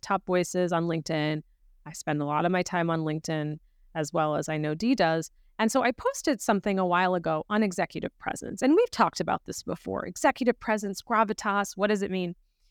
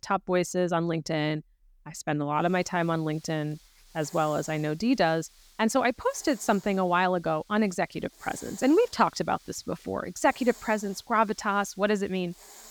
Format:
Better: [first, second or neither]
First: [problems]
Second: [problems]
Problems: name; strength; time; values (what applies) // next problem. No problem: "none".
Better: first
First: none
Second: hiss; faint; from 2.5 s on; 25 dB below the speech